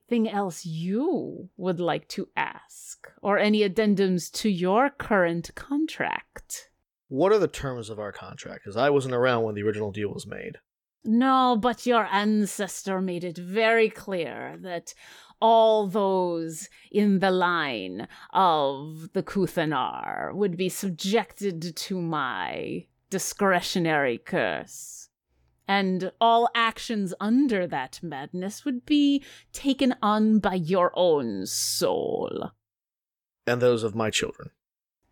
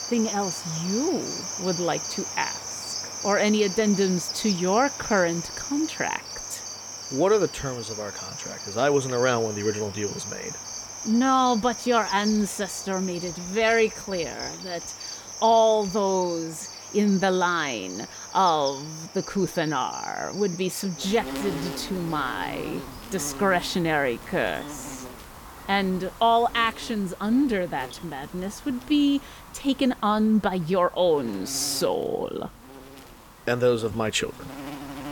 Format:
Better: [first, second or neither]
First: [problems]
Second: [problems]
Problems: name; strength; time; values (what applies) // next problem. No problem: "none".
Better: first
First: none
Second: animal sounds; loud; throughout; 9 dB below the speech